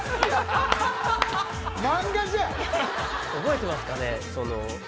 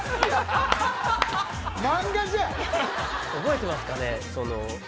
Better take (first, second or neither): second